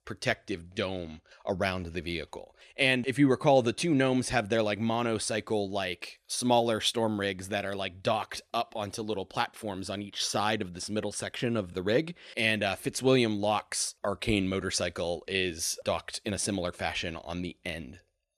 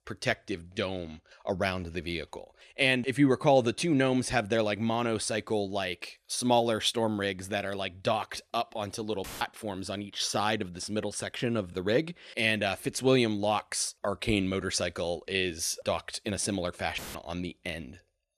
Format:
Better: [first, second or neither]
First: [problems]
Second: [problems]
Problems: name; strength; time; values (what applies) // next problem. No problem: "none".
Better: first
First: none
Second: audio cutting out; filled with static; at 9 s and at 17 s